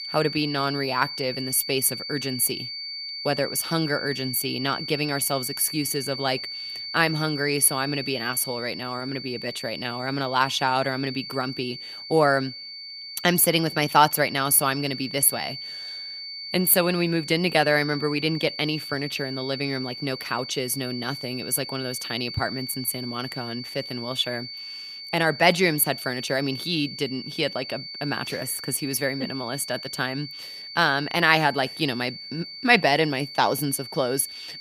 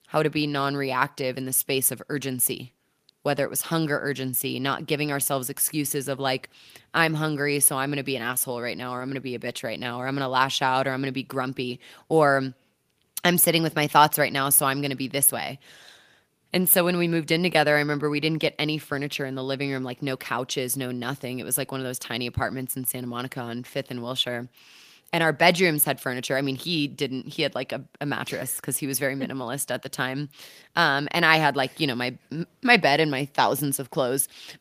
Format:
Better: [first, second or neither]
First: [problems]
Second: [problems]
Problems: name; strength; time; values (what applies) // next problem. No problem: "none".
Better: second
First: high-pitched whine; loud; throughout; 4.5 kHz, 9 dB below the speech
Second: none